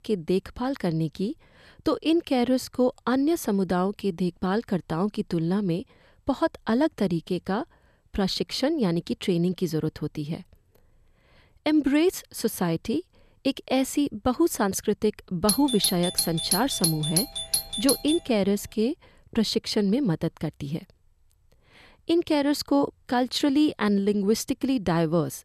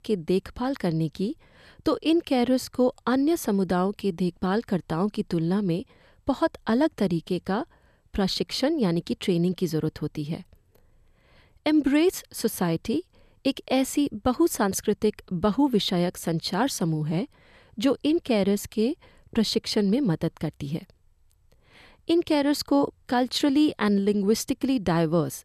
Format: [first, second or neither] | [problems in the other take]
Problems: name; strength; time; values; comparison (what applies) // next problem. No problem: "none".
second | doorbell; loud; from 15 to 18 s; peak 2 dB above the speech